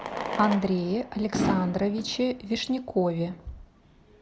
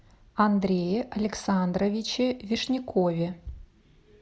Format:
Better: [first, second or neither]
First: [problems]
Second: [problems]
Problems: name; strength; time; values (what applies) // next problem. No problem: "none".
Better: second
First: background sound (Fireworks); 7 dB below the speech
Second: none